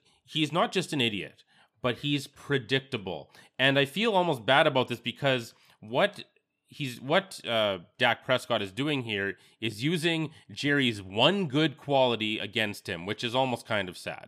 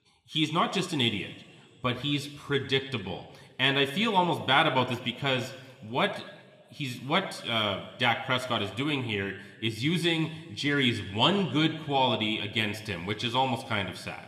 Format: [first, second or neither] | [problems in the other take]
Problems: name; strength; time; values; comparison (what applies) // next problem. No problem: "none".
first | room echo; very slight; dies away in 1.7 s